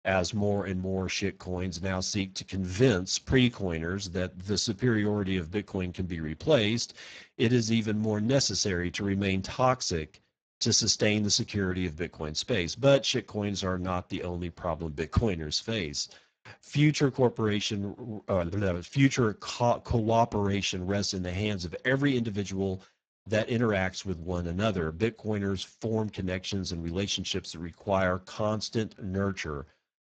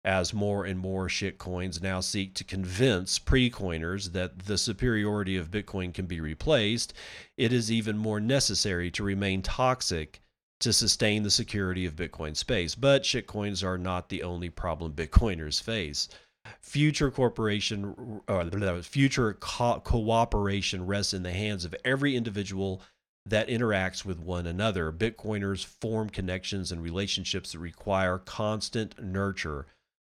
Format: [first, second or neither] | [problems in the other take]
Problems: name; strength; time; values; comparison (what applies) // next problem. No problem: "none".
second | garbled, watery; badly